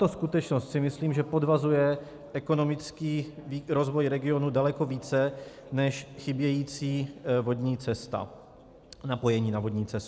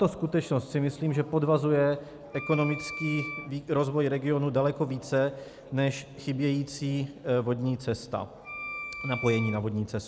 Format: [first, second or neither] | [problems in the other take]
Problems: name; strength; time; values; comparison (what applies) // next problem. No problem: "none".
first | background sound (Wind instrument, woodwind instrument); 10 dB below the speech